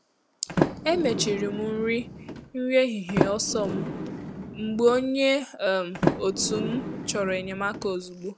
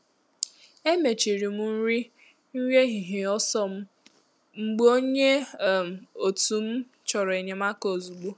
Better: second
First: background sound (Sliding door); 4 dB below the speech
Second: none

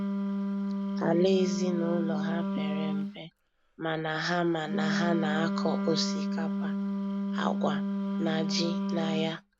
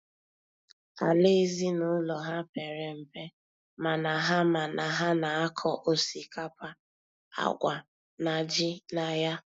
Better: second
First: background sound (Wind instrument, woodwind instrument); 1 dB above the speech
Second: none

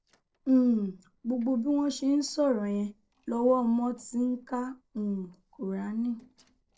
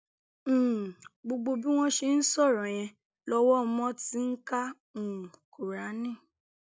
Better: second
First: noise reduction (neural separator model SepFormer DNS4)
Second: none

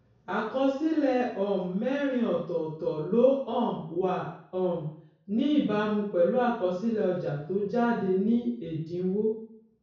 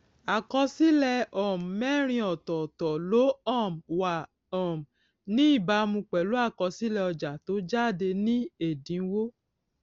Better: second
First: room echo; dies away in 0.6 s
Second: none

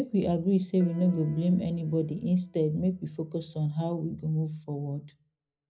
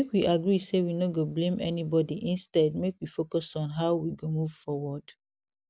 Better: second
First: background sound (Piano); 19 dB below the speech // room echo; dies away in 0.5 s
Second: none

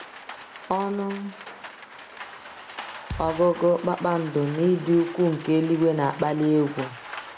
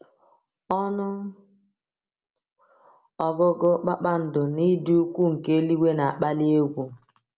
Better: second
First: background sound (Thump, thud + Rain); 15 dB below the speech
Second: none

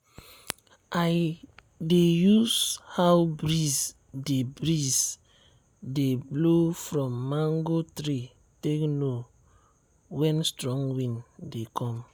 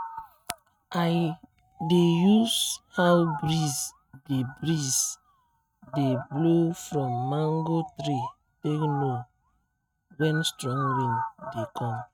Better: first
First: none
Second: noise reduction (neural mask model RNNoise)

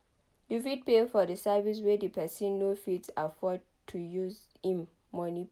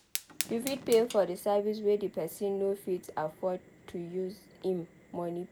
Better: first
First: none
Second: background sound (Fire); 14 dB below the speech

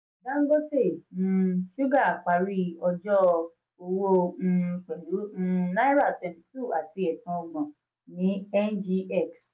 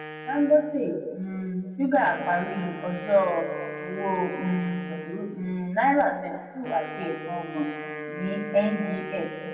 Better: first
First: none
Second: background sound (Wind instrument, woodwind instrument); 11 dB below the speech // room echo; dies away in 1.5 s

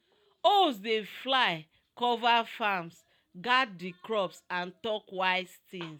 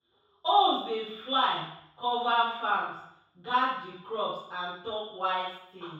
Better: first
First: none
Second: room echo; dies away in 0.7 s

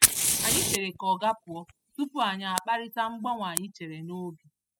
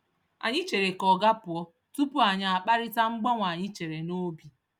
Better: second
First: noise reduction (classical method spectral subtraction)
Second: none

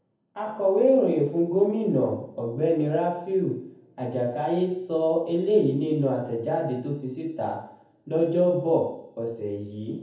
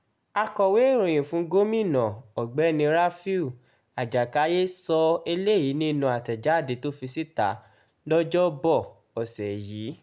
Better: second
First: room echo; dies away in 0.7 s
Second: none

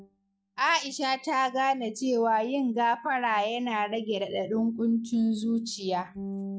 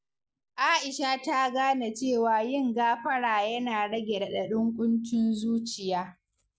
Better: second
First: noise reduction (neural mask model DeepFilterNet 3)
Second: none

